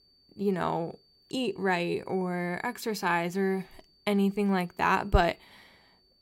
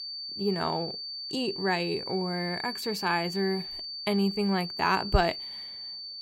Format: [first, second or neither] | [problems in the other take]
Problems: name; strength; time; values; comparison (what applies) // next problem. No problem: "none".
first | high-pitched whine; loud; throughout; 4.5 kHz, 6 dB below the speech; faint in the first